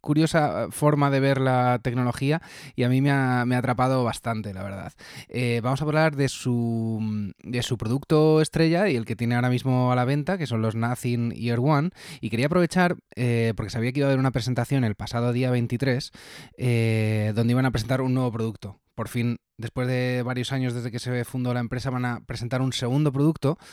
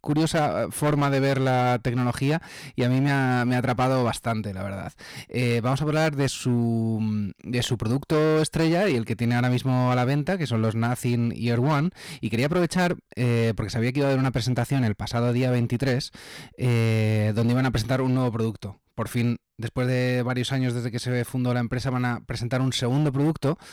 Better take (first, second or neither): first